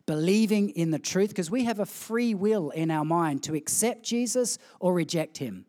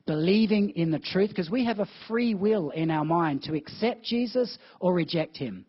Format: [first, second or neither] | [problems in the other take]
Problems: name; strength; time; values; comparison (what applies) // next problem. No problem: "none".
first | garbled, watery; badly; nothing above 5.5 kHz